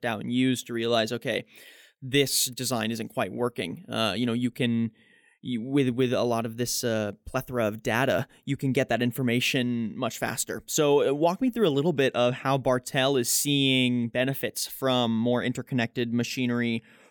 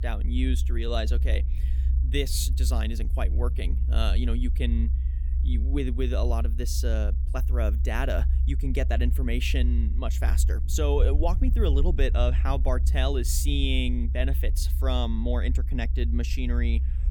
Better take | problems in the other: first | low rumble; noticeable; throughout; 15 dB below the speech

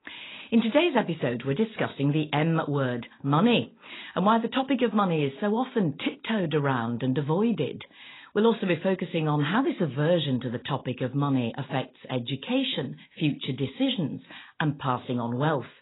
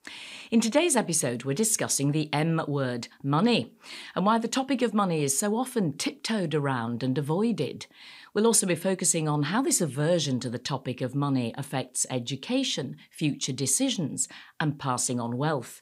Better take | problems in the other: second | garbled, watery; badly; nothing above 4 kHz

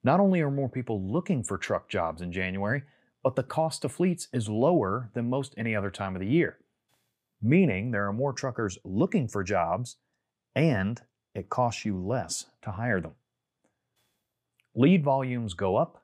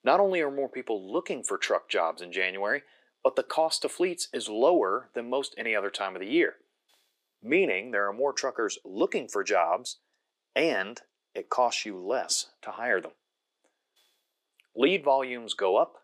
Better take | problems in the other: first | thin; very; fading below 350 Hz

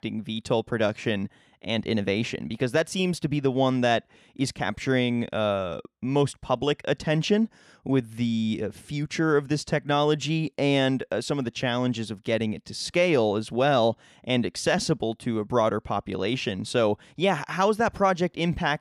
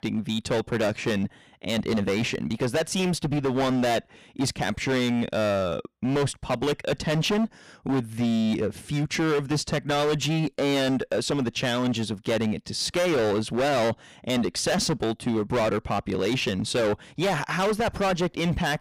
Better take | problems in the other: first | distortion; heavy; 21% of the sound clipped

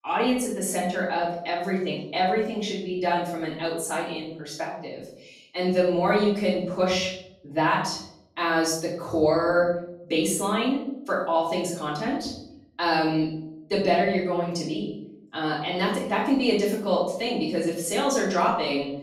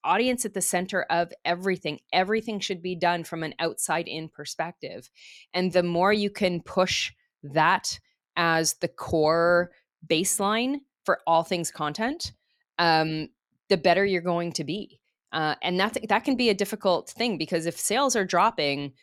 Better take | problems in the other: second | off-mic speech; far // room echo; noticeable; dies away in 0.6 s

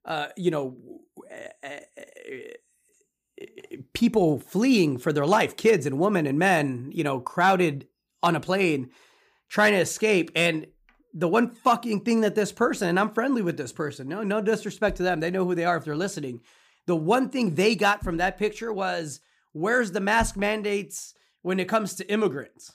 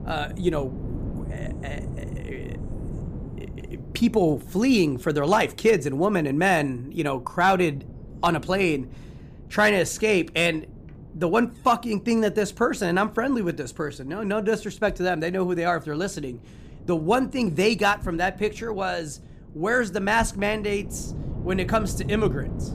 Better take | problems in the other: first | wind noise on the microphone; occasional gusts; 20 dB below the speech

